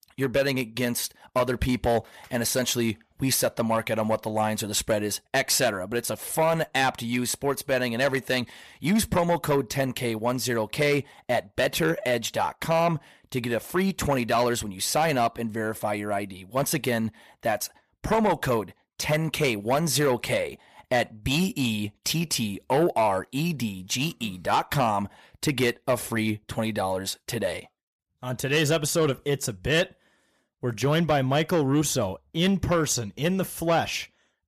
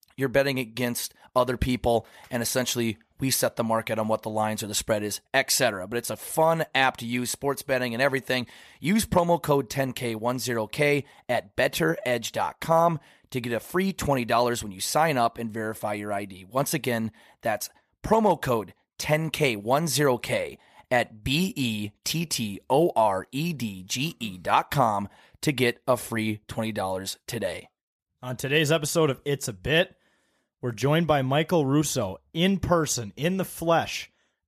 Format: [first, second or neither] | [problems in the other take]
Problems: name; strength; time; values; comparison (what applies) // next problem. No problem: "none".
second | distortion; slight; 10 dB below the speech